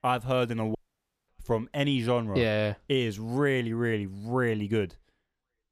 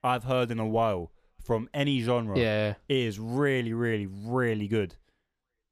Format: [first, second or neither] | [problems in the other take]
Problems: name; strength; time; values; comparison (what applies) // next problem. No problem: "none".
second | audio cutting out; at 1 s for 0.5 s